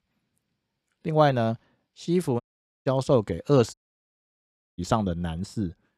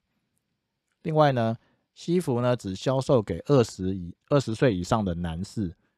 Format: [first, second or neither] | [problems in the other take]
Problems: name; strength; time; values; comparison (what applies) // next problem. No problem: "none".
second | audio cutting out; at 2.5 s and at 3.5 s for 1 s